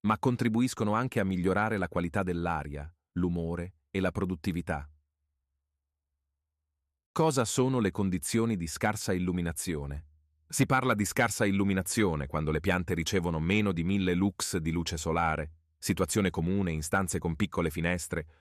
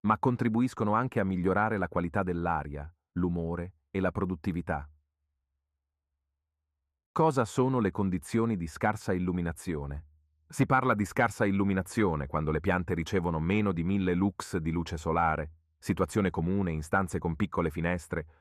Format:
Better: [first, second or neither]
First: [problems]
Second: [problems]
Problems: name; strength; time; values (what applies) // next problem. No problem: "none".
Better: first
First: none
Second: muffled; slightly; fading above 2.5 kHz